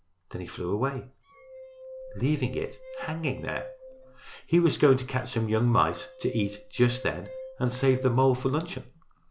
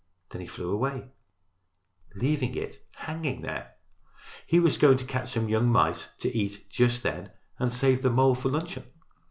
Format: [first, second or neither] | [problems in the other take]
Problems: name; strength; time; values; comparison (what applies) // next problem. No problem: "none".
second | background sound (Glass); 16 dB below the speech